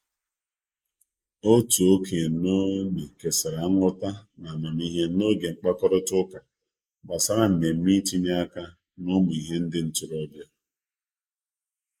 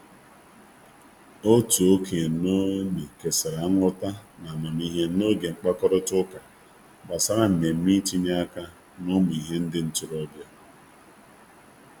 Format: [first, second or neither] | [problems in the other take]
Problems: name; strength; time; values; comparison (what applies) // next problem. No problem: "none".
second | noise reduction (neural mask model Resemble Enhance denoiser)